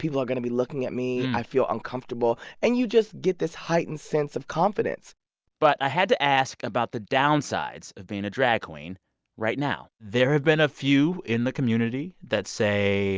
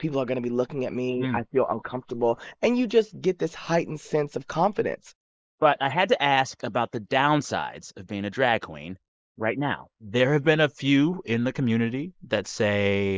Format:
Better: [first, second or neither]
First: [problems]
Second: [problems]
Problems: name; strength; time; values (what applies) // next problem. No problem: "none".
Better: first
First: none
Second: noise reduction (neural mask model Resemble Enhance denoiser)